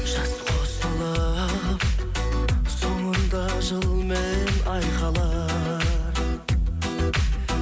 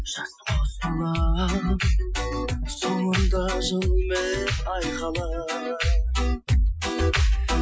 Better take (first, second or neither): first